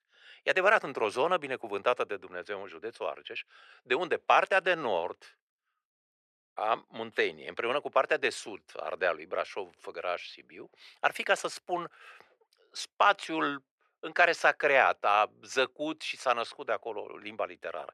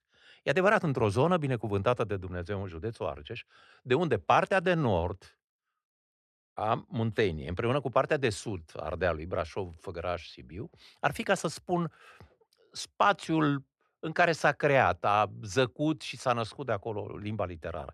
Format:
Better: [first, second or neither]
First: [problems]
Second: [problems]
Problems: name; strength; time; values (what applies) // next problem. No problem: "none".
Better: second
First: thin; very; fading below 450 Hz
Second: none